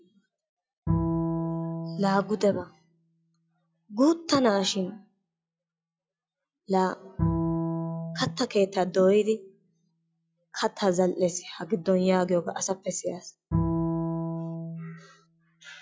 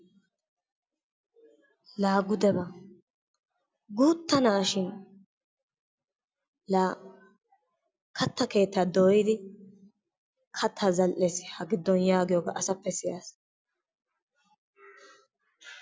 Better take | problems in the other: second | noise reduction (classical method log-MMSE)

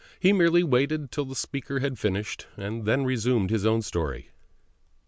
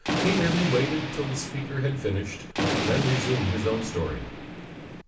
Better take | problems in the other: first | background sound (Thunder); 2 dB below the speech // room echo; dies away in 0.3 s

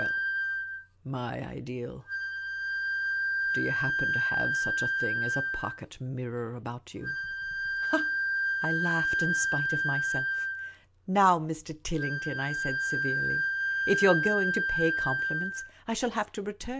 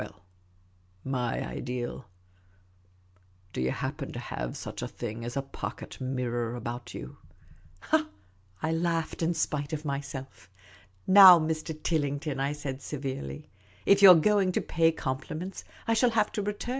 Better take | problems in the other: second | background sound (Wind instrument, woodwind instrument); 2 dB above the speech

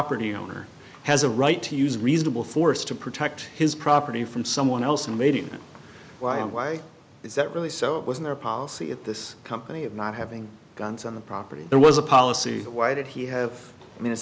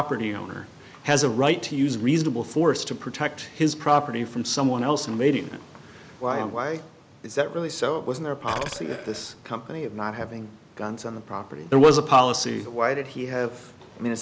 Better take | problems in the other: first | background sound (Burping, eructation); 11 dB below the speech

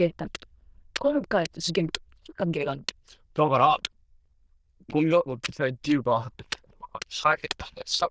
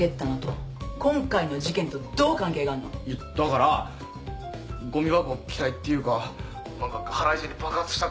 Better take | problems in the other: second | noise reduction (neural diffusion model UNIVERSE++)

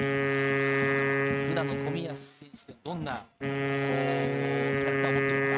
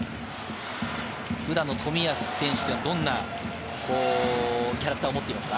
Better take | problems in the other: second | noise reduction (neural mask model RNNoise)

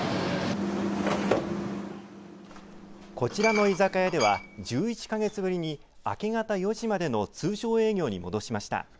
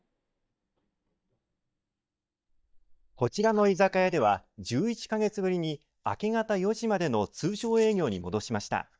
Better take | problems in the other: first | noise reduction (neural mask model DeepFilterNet 3)

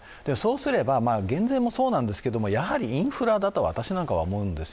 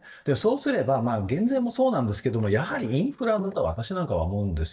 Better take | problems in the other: first | noise reduction (neural mask model DeepFilterNet 3)

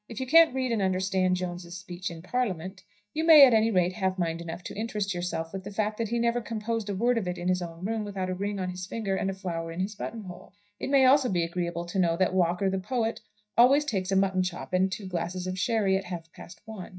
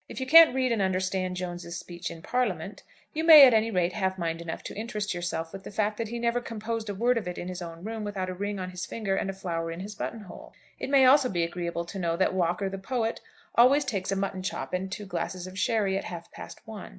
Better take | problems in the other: second | noise reduction (neural mask model DeepFilterNet 3)

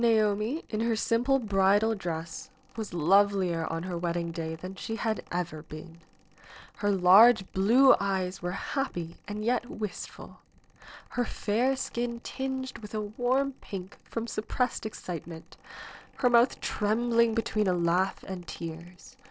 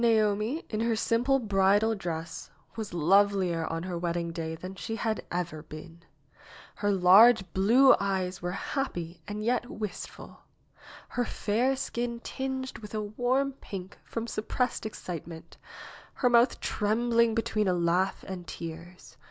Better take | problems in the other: second | noise reduction (neural separator model SepFormer DNS4)

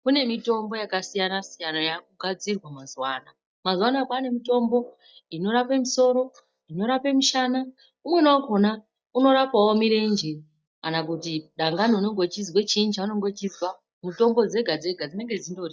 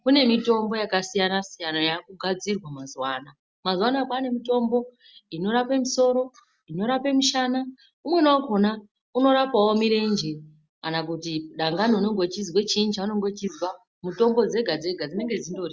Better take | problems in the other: second | noise reduction (neural mask model DeepFilterNet 3)

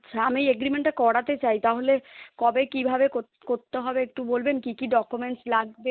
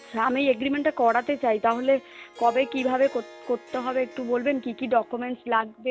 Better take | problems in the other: first | background sound (Harp); 19 dB below the speech

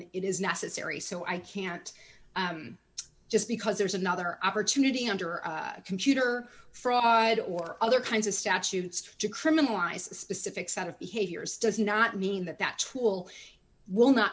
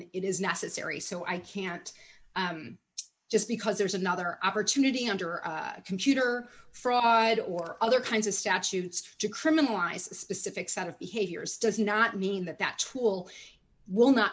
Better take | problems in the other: first | noise reduction (neural mask model Resemble Enhance denoiser)

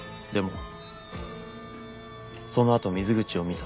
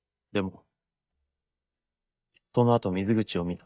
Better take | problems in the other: first | noise reduction (neural mask model DeepFilterNet 3)

